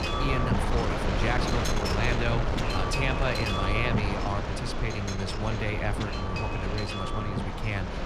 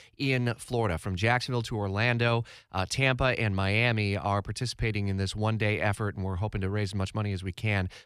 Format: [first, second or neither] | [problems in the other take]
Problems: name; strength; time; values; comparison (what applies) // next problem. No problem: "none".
second | wind noise on the microphone; heavy; 2 dB above the speech